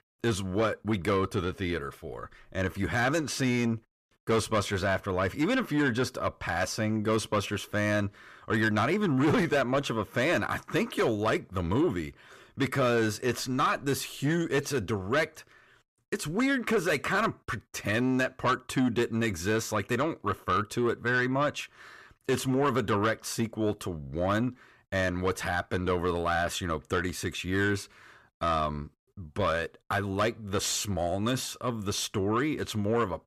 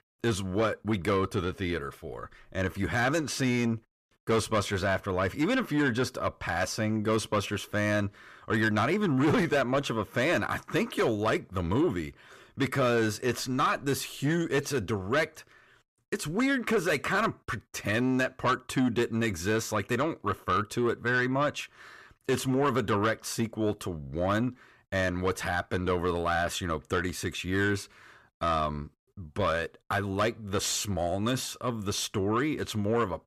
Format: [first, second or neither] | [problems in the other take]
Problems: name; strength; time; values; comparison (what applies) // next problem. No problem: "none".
neither | distortion; slight; 10 dB below the speech; the same in both